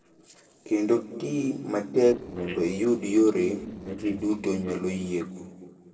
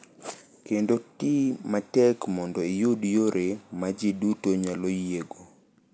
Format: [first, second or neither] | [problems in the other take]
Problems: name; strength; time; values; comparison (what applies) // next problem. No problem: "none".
second | noise reduction (neural separator model SepFormer DNS4)